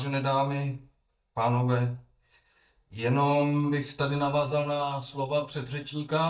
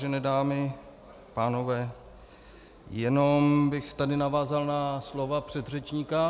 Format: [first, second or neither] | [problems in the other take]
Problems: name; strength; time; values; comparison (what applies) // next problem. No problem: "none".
second | noise reduction (neural mask model DeepFilterNet 3)